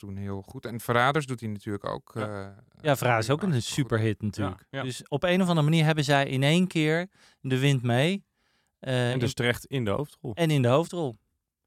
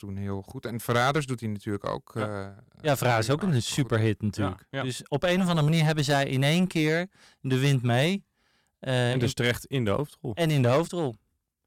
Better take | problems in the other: first | distortion; slight; 7% of the sound clipped

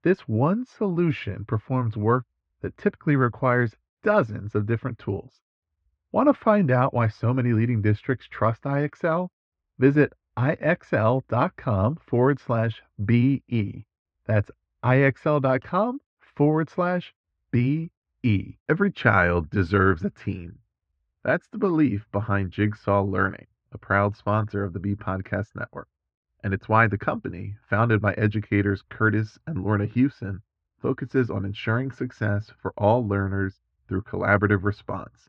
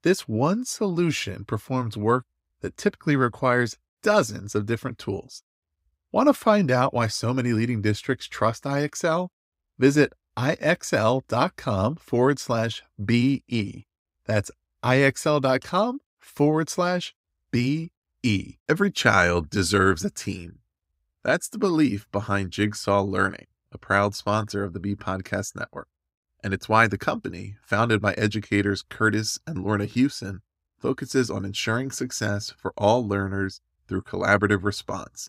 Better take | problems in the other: second | muffled; very; fading above 2.5 kHz

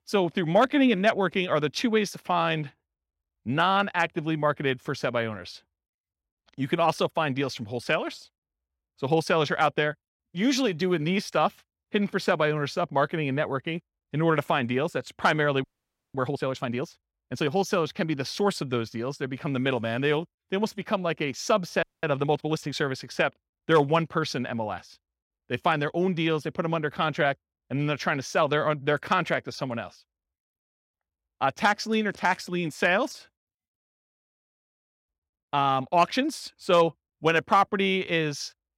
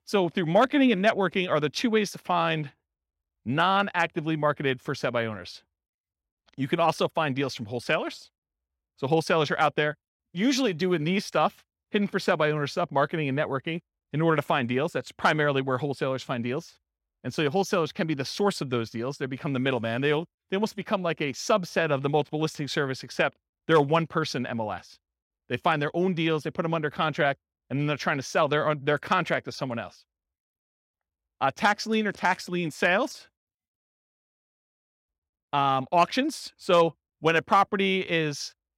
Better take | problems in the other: second | audio freezing; at 16 s for 0.5 s and at 22 s

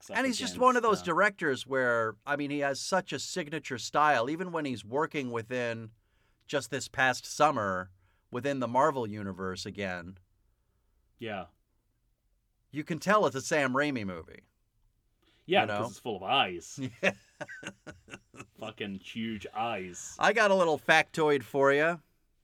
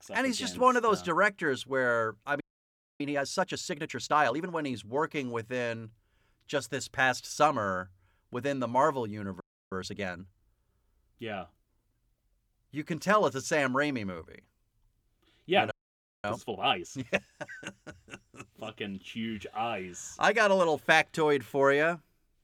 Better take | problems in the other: first | audio freezing; at 2.5 s for 0.5 s, at 9.5 s and at 16 s for 0.5 s

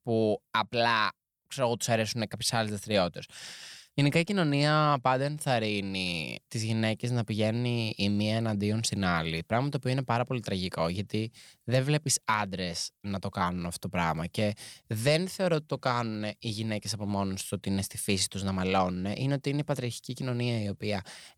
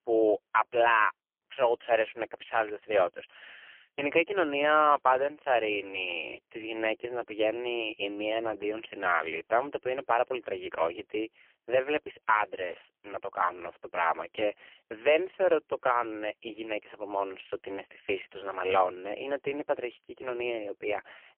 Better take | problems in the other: first | phone-call audio; poor line; nothing above 3 kHz

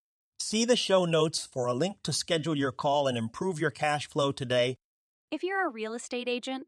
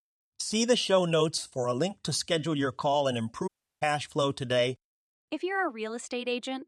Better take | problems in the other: first | audio cutting out; at 3.5 s

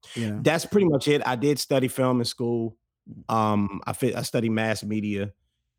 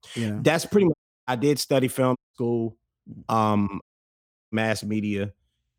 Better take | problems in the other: first | audio cutting out; at 1 s, at 2 s and at 4 s for 0.5 s

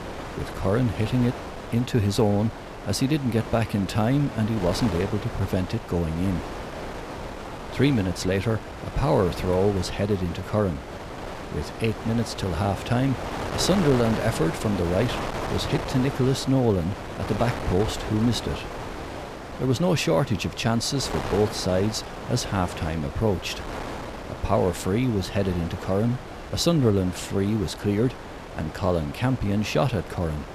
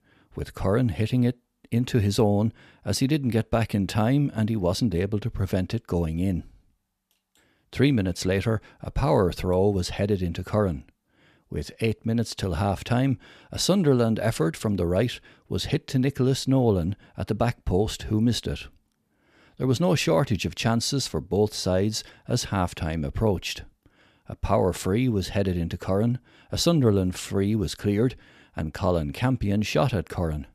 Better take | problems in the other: second | wind noise on the microphone; heavy; 7 dB below the speech

